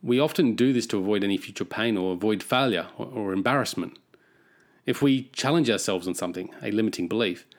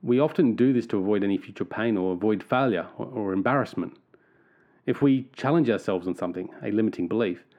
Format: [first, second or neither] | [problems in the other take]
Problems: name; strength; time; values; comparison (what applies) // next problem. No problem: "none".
first | muffled; very; fading above 3 kHz